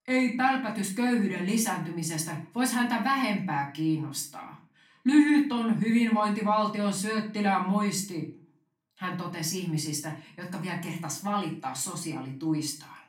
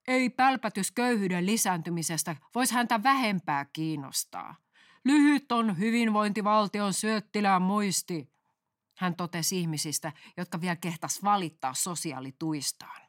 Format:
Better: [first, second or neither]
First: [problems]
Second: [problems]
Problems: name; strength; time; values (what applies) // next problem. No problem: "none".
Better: second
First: room echo; slight; dies away in 0.4 s // off-mic speech; far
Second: none